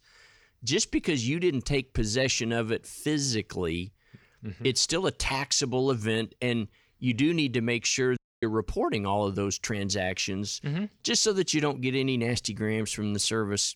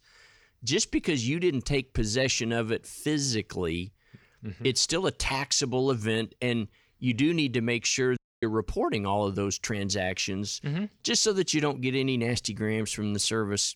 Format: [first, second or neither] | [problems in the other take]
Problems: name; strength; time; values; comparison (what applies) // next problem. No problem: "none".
neither | audio cutting out; at 8 s; the same in both